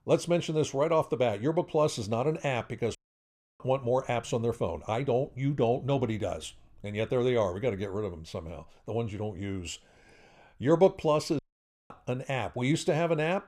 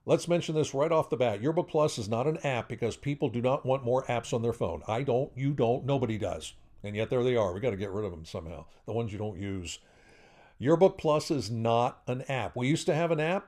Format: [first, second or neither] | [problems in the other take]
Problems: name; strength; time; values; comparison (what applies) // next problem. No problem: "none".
second | audio cutting out; at 3 s for 0.5 s and at 11 s for 0.5 s